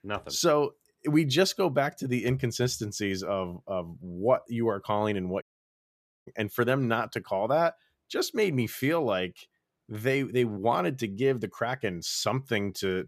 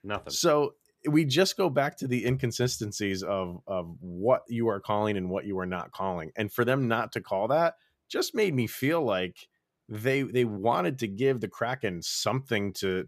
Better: second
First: audio cutting out; at 5.5 s for 1 s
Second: none

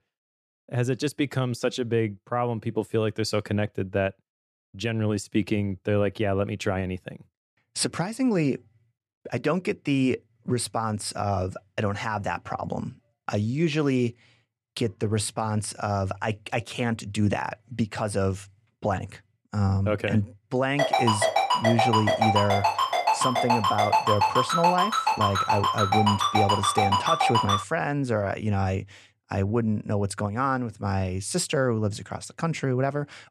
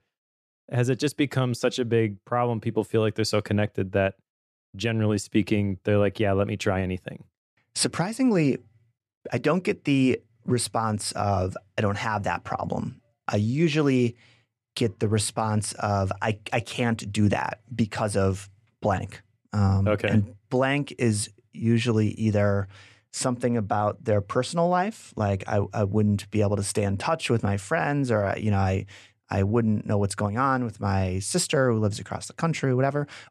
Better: second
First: phone ringing; loud; from 21 to 28 s; peak 5 dB above the speech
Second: none

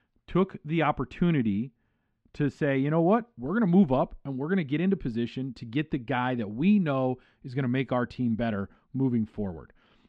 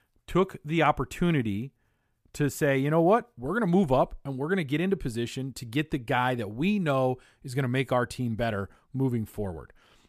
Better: second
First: muffled; slightly; fading above 4 kHz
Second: none

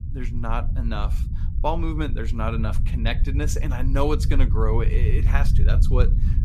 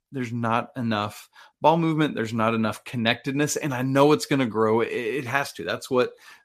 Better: second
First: low rumble; noticeable; throughout; 10 dB below the speech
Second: none

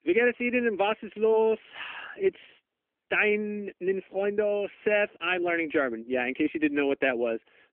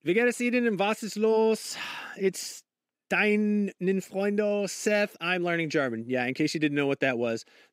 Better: second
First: phone-call audio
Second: none

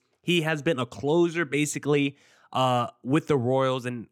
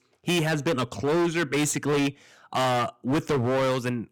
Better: first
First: none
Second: distortion; heavy; 23% of the sound clipped

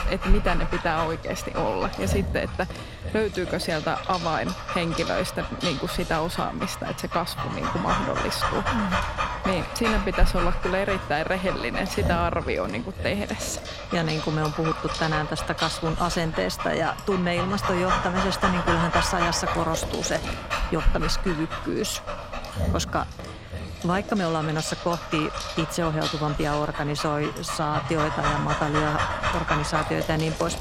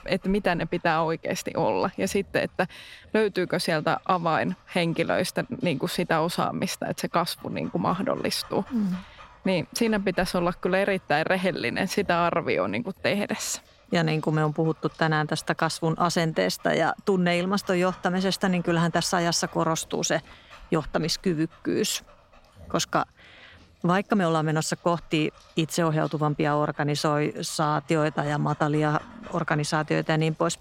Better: second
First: animal sounds; loud; throughout; 3 dB below the speech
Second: animal sounds; faint; throughout; 25 dB below the speech

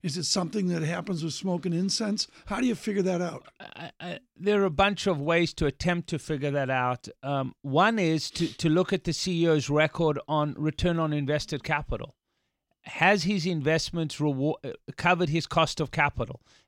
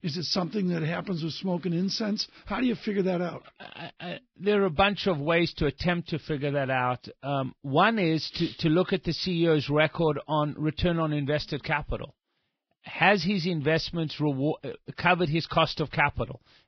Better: first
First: none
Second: garbled, watery; badly; nothing above 5.5 kHz

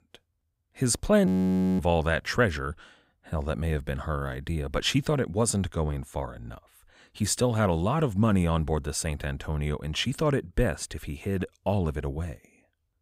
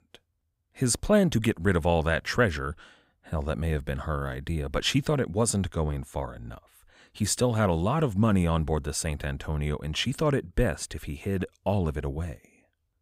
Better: second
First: audio freezing; at 1.5 s for 0.5 s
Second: none

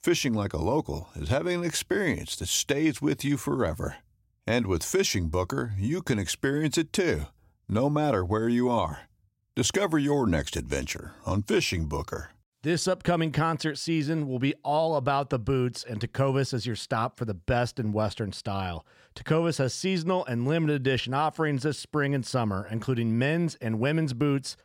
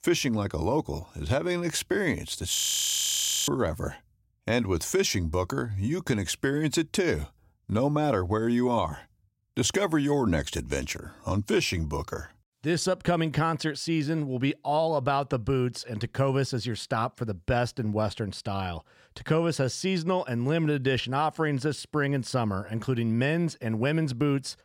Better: first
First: none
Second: audio freezing; at 2.5 s for 1 s

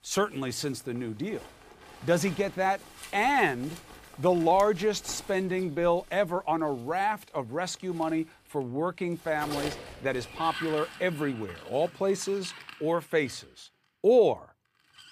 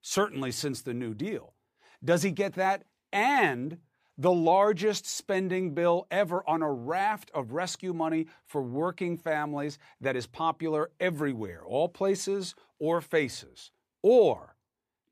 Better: second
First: household noises; noticeable; throughout; 15 dB below the speech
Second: none

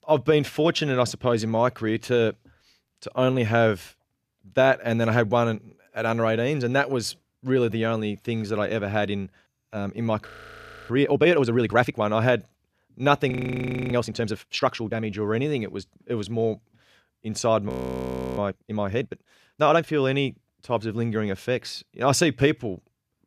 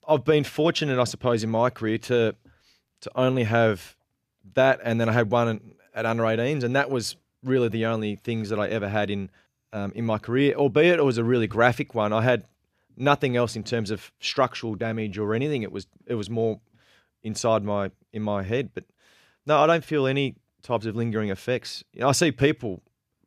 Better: second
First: audio freezing; at 10 s for 0.5 s, at 13 s for 0.5 s and at 18 s for 0.5 s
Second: none

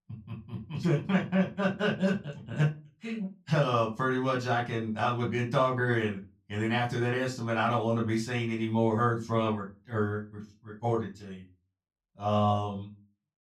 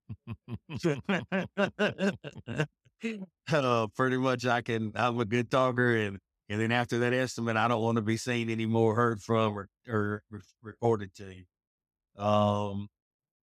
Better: second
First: off-mic speech; far // room echo; very slight; dies away in 0.2 s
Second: none

